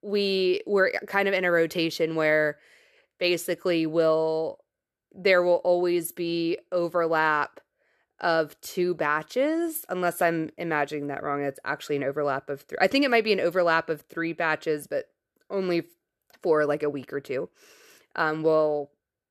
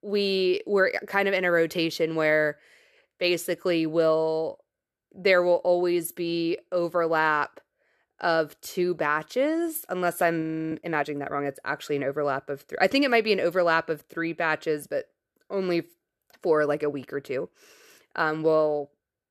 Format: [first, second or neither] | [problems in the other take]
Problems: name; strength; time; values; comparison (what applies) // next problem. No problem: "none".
first | audio freezing; at 10 s